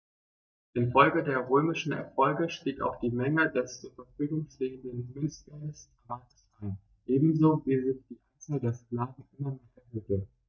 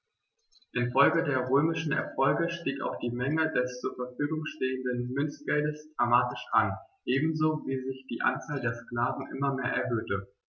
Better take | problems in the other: second | noise reduction (neural mask model DeepFilterNet 3)

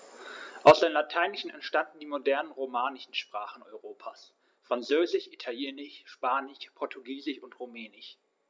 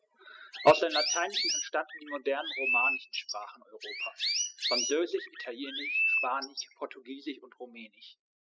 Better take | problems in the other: first | noise reduction (classical method spectral subtraction)

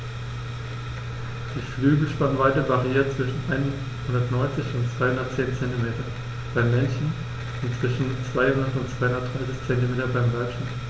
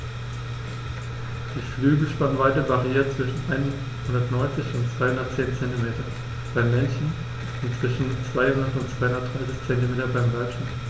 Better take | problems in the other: first | background sound (Drum kit); 19 dB below the speech

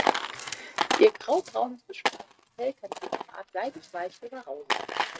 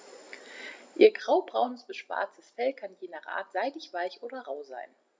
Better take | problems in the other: second | noise reduction (neural mask model RNNoise)

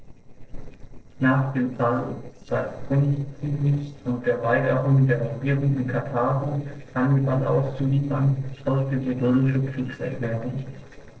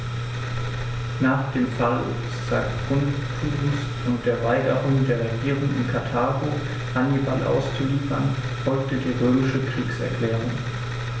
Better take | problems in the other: second | noise reduction (neural separator model SepFormer DNS4)

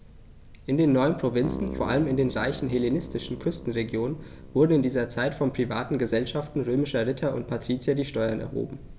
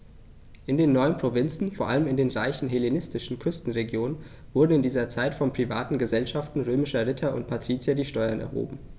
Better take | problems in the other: second | background sound (Keyboard (musical)); 12 dB below the speech

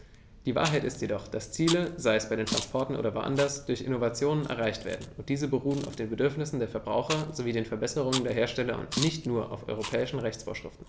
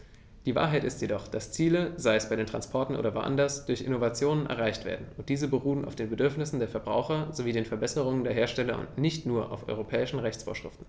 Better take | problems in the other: second | background sound (Chewing, mastication); 12 dB below the speech

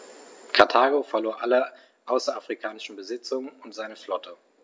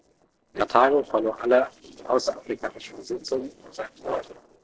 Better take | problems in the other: first | noise reduction (neural separator model SepFormer DNS4)

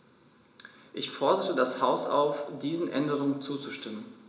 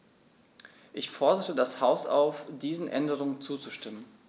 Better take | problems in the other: second | room echo; dies away in 0.8 s

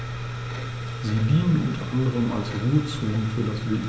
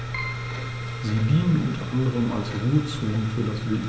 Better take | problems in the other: first | background sound (Keyboard (musical)); 16 dB below the speech

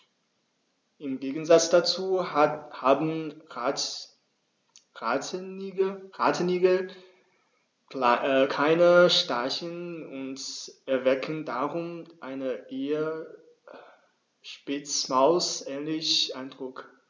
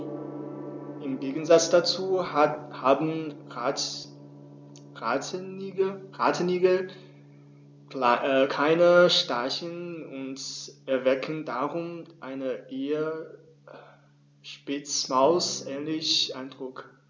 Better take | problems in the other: first | background sound (Acoustic guitar / Strum + Gong); 18 dB below the speech

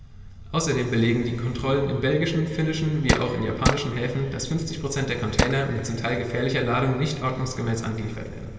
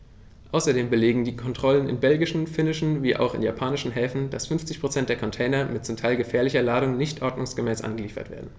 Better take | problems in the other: second | background sound (Tools); as loud as the speech // room echo; dies away in 2.9 s

